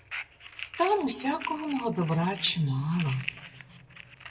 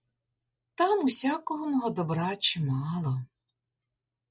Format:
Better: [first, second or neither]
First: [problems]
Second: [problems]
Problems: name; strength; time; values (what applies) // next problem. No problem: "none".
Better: second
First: background sound (Fire); 11 dB below the speech // room echo; dies away in 1.4 s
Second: none